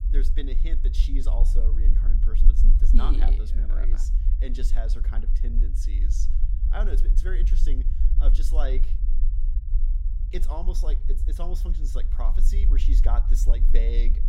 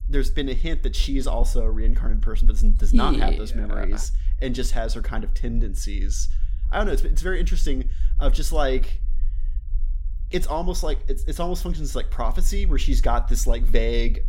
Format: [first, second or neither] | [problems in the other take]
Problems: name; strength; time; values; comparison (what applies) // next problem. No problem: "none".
second | low rumble; loud; throughout; 8 dB below the speech; faint in the second